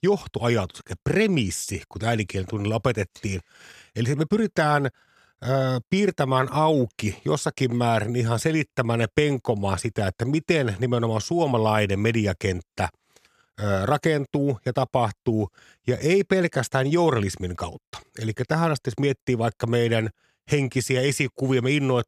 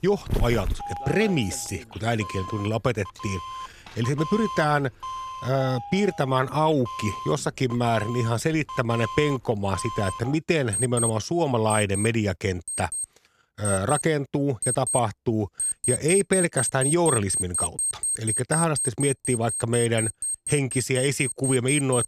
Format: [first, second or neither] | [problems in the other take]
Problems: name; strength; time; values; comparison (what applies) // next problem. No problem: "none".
first | alarms or sirens; loud; throughout; 3 dB below the speech